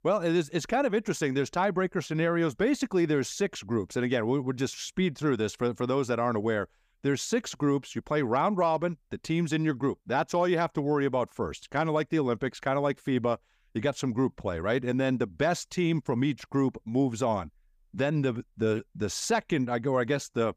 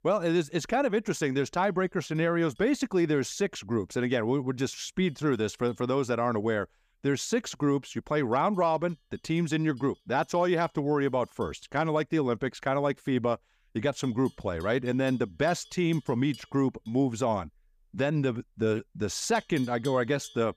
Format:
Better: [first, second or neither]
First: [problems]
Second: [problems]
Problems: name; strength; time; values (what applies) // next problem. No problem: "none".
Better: first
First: none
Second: animal sounds; faint; throughout; 25 dB below the speech